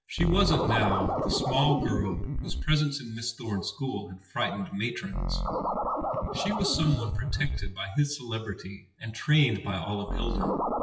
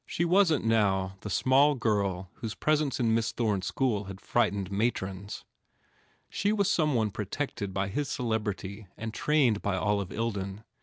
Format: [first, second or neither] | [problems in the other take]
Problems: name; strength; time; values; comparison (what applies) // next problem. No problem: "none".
second | noise reduction (classical method WPE with log-MMSE)